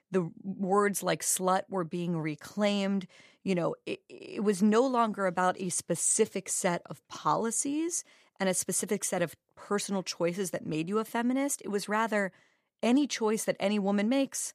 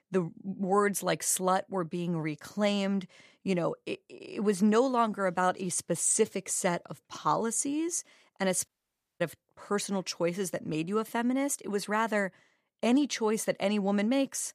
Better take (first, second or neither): first